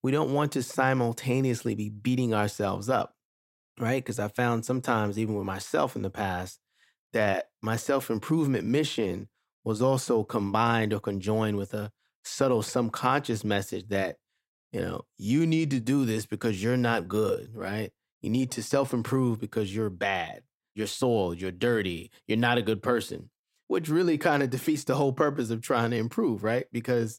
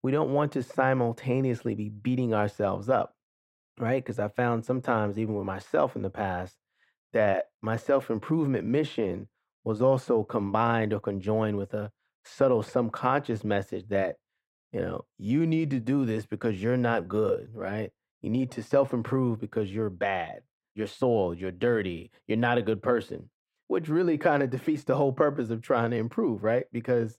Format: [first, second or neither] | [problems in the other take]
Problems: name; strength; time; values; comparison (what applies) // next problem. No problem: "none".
first | muffled; very; fading above 3.5 kHz